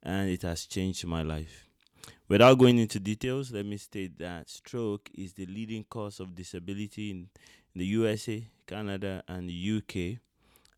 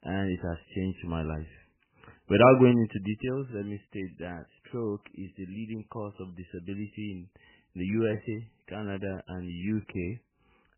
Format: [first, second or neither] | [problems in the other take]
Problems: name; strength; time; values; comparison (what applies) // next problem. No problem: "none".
first | garbled, watery; badly; nothing above 3 kHz